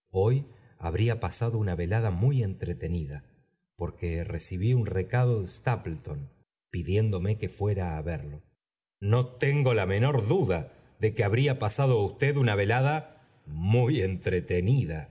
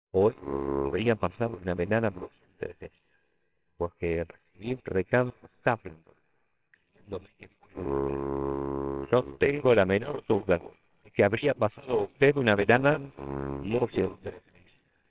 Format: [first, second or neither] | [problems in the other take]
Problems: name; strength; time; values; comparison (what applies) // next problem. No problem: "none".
first | noise reduction (neural separator model SepFormer WHAMR!)